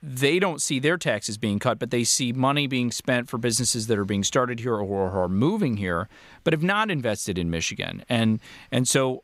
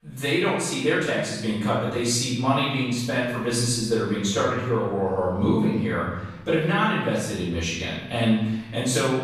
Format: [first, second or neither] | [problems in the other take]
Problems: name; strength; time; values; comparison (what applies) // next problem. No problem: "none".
first | off-mic speech; far // room echo; strong; dies away in 0.9 s